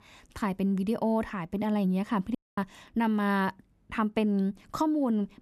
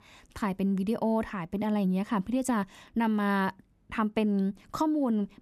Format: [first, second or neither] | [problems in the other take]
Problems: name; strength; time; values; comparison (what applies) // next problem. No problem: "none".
second | audio cutting out; at 2.5 s